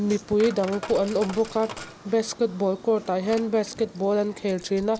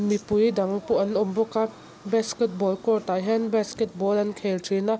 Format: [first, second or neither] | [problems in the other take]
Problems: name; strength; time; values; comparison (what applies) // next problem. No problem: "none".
second | background sound (Coin (dropping)); 18 dB below the speech